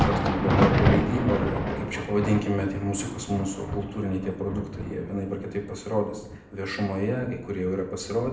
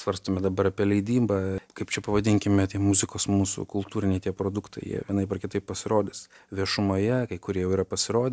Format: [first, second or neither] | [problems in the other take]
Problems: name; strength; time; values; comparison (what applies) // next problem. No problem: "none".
second | background sound (Thunder); as loud as the speech // room echo; dies away in 0.7 s